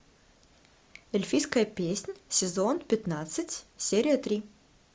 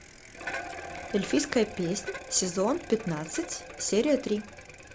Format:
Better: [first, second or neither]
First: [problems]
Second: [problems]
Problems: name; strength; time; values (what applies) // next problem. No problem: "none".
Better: first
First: none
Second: background sound (Bicycle); 12 dB below the speech